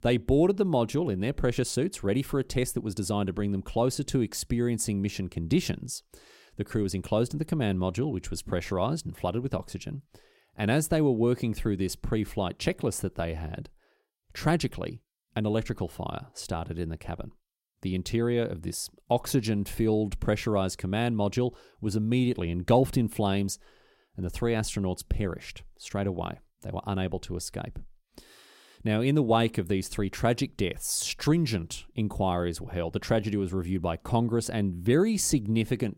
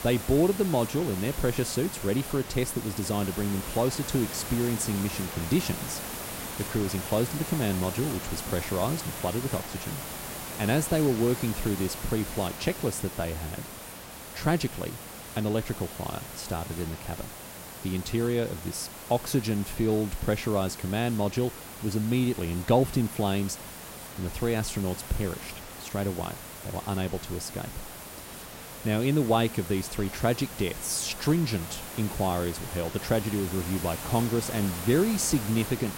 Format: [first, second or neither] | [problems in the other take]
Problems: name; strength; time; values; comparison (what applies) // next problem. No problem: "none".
first | hiss; loud; throughout; 8 dB below the speech